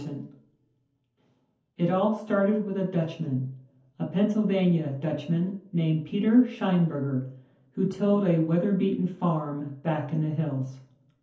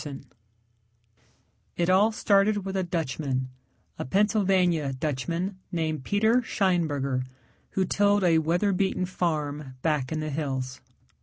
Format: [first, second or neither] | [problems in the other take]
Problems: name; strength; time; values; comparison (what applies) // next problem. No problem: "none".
second | room echo; dies away in 0.5 s